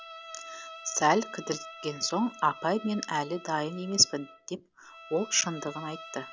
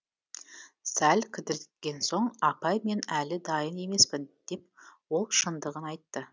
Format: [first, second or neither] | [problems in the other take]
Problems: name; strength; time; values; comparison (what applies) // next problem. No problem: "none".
second | background sound (Bowed string instrument); 15 dB below the speech